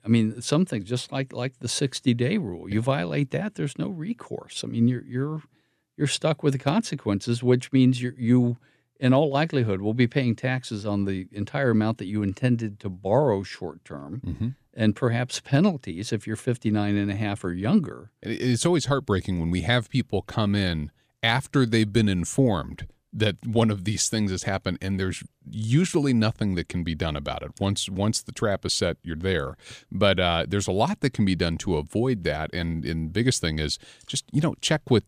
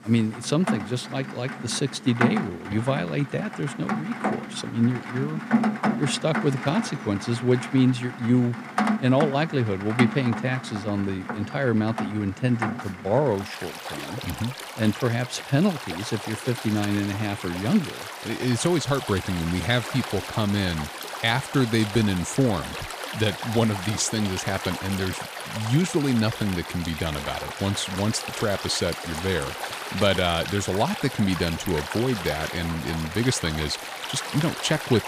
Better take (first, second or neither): first